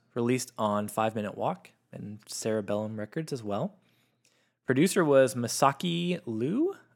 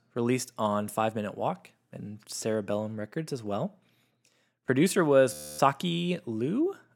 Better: first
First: none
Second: audio freezing; at 5.5 s

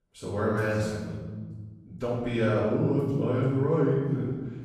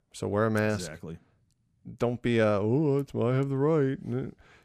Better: second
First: off-mic speech; far // room echo; strong; dies away in 1.6 s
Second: none

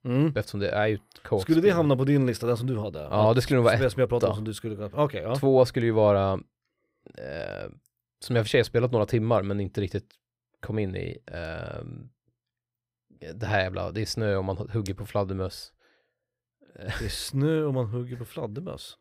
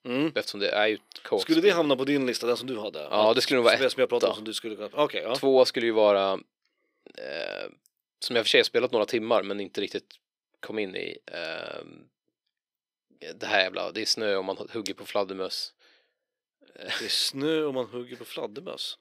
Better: first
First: none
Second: thin; somewhat; fading below 250 Hz

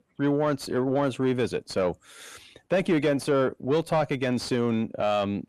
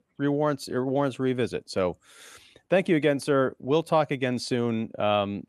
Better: second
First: distortion; slight; 10 dB below the speech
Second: none

